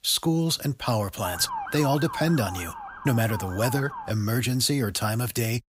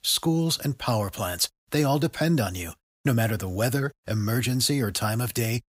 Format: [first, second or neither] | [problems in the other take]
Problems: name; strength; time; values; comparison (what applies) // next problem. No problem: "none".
second | siren; noticeable; from 1 to 4 s; peak 7 dB below the speech